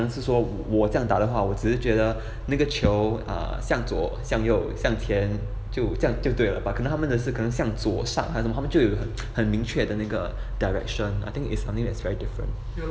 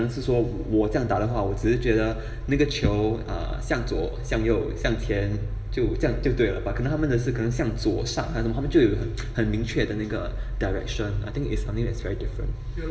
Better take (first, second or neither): first